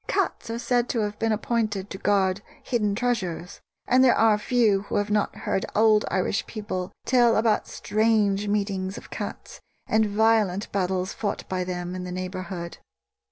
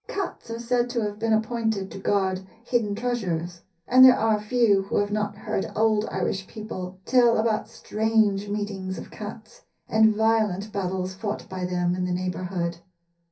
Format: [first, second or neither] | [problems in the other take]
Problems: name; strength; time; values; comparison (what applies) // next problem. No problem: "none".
first | room echo; dies away in 0.3 s